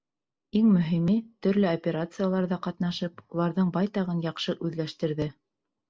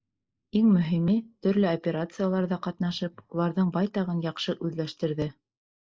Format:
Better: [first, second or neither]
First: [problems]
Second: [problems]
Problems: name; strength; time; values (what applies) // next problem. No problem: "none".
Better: first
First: none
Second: noise reduction (neural mask model Resemble Enhance denoiser)